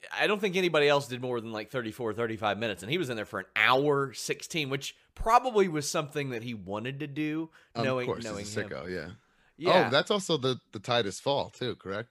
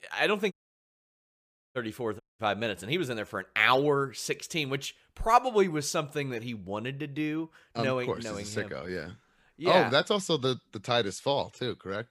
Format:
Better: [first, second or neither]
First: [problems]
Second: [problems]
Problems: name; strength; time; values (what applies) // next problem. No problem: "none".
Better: first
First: none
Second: audio cutting out; at 0.5 s for 1 s and at 2 s